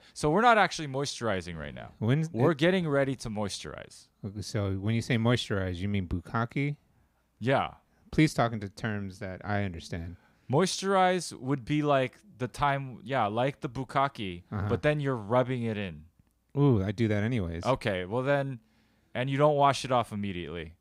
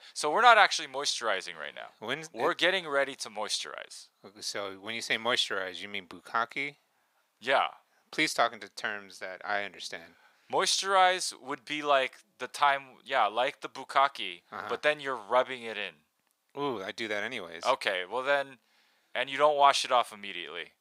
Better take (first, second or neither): first